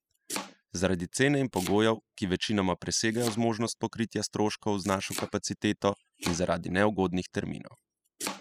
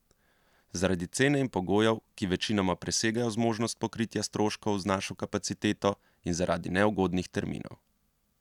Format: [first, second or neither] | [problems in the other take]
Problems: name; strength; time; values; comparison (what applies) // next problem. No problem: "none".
second | noise reduction (classical method spectral subtraction)